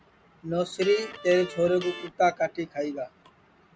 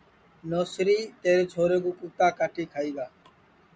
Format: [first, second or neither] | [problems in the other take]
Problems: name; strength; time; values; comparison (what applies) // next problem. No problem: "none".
second | background sound (Electric guitar); 14 dB below the speech